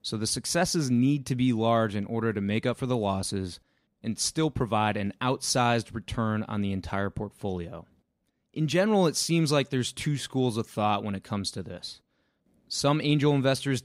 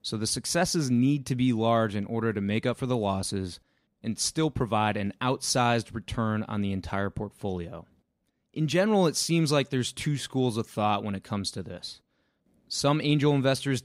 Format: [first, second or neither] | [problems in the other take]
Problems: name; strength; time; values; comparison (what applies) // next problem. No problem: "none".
neither | none